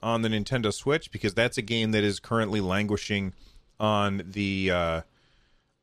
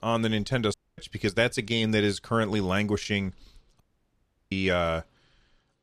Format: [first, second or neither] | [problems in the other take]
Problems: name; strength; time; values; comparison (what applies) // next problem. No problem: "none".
first | audio cutting out; at 0.5 s and at 4 s for 0.5 s